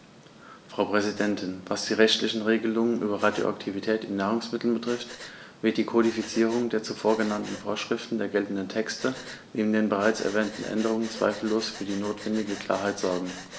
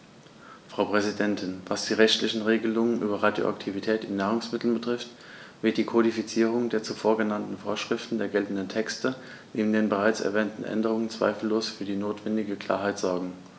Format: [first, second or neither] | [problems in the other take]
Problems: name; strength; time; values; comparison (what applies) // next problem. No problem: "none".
second | background sound (Breathing); 18 dB below the speech